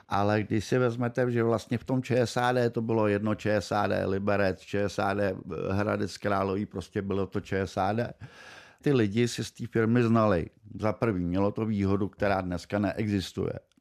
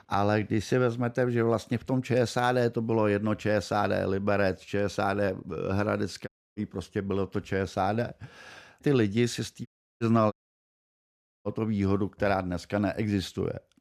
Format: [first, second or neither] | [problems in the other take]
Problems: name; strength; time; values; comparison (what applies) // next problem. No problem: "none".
first | audio cutting out; at 6.5 s, at 9.5 s and at 10 s for 1 s